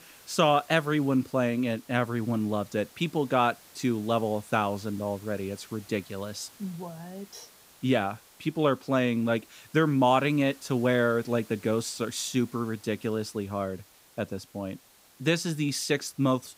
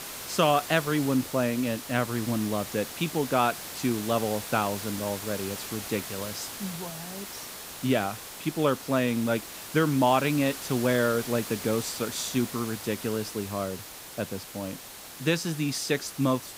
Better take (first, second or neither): first